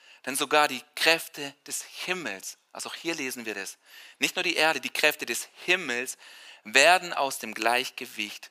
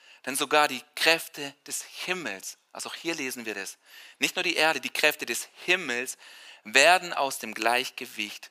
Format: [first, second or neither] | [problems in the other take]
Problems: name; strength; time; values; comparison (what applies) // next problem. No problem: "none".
neither | thin; very; fading below 700 Hz; the same in both